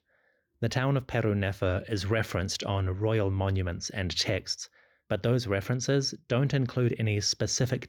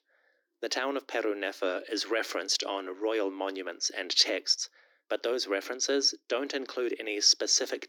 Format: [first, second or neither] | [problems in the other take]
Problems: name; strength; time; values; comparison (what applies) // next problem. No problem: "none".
first | thin; somewhat; fading below 300 Hz